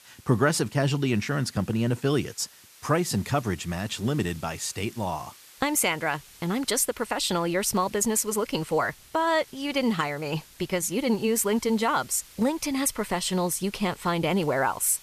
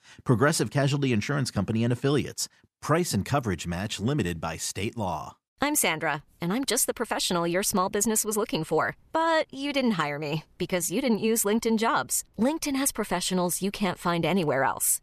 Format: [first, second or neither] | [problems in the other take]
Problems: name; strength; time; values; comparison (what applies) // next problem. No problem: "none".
second | hiss; faint; throughout; 25 dB below the speech